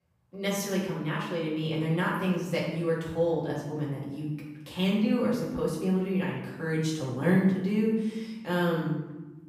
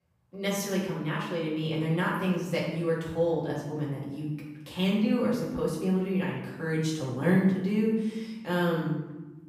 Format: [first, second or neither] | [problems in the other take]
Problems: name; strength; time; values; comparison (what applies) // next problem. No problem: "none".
neither | room echo; noticeable; dies away in 0.9 s; the same in both // off-mic speech; far; the same in both